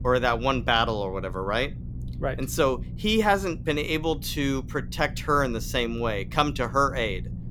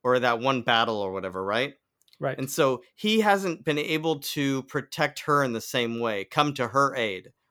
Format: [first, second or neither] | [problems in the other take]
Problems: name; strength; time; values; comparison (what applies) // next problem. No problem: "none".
second | low rumble; faint; throughout; 25 dB below the speech